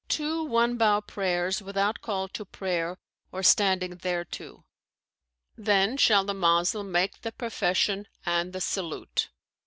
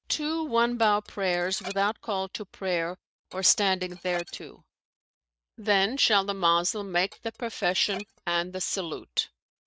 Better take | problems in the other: first | noise reduction (neural mask model RNNoise)

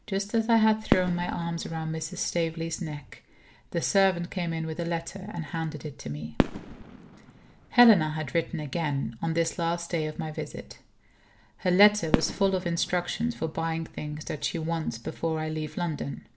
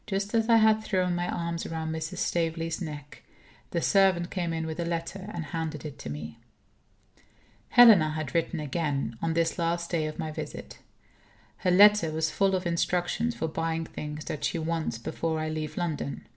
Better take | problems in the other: second | background sound (Fireworks); 6 dB below the speech

